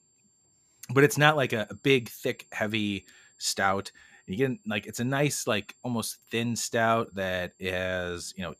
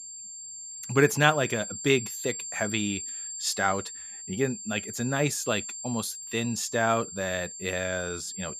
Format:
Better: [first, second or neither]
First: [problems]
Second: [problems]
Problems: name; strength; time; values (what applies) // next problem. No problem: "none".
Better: first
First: high-pitched whine; faint; throughout; 7.5 kHz, 35 dB below the speech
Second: high-pitched whine; loud; throughout; 7.5 kHz, 8 dB below the speech